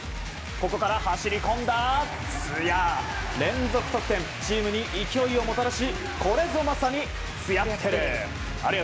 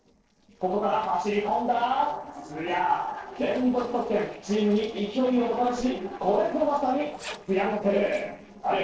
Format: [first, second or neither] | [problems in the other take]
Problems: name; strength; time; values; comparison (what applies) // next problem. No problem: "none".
first | noise reduction (neural separator model SepFormer DNS4)